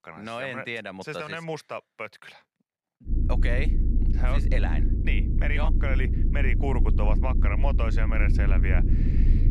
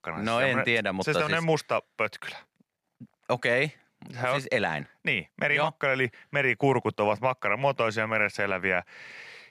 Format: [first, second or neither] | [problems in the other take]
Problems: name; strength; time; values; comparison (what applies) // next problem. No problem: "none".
second | low rumble; loud; from 3 s on; 7 dB below the speech